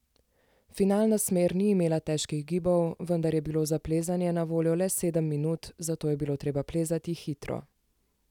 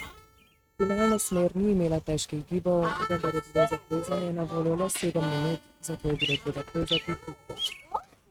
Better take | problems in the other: first | noise reduction (neural mask model RNNoise)

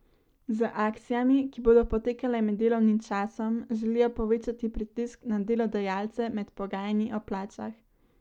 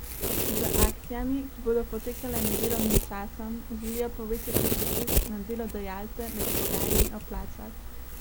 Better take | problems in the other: first | background sound (Domestic sounds, home sounds); 4 dB above the speech

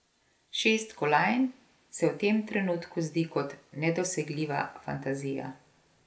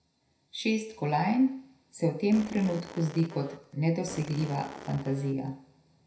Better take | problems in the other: first | background sound (Fart); 14 dB below the speech // room echo; dies away in 0.4 s

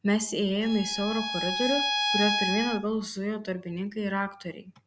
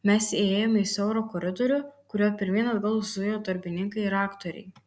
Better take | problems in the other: second | background sound (Bowed string instrument); 1 dB below the speech

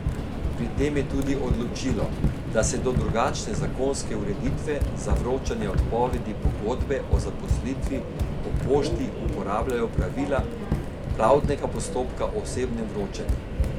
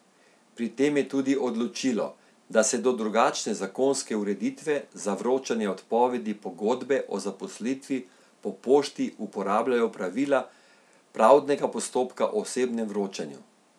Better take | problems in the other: second | background sound (Run + Subway, metro, underground); 1 dB above the speech

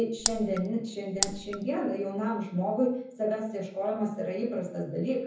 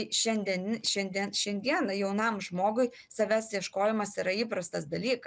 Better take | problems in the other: second | background sound (Raindrop); 2 dB below the speech // room echo; dies away in 0.7 s

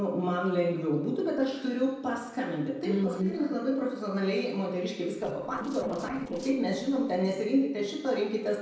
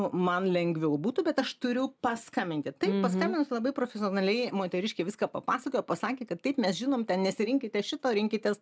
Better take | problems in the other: second | noise reduction (neural separator model SepFormer DNS4)

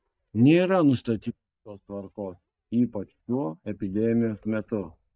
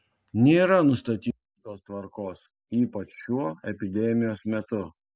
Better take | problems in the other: second | noise reduction (neural mask model DeepFilterNet 3)

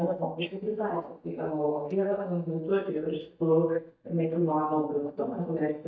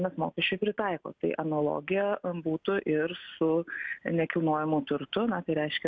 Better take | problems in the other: second | noise reduction (neural mask model DeepFilterNet 3)

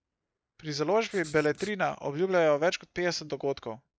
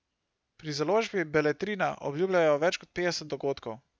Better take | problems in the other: second | noise reduction (neural mask model Resemble Enhance denoiser)

